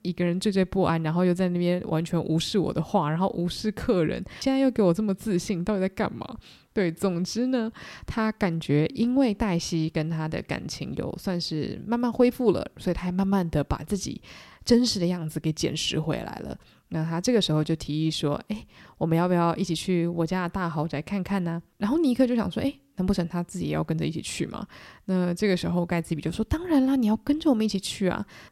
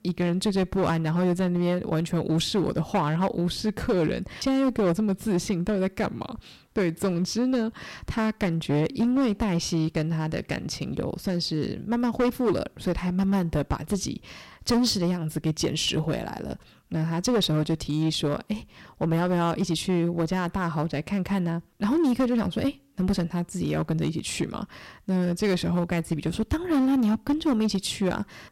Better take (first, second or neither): first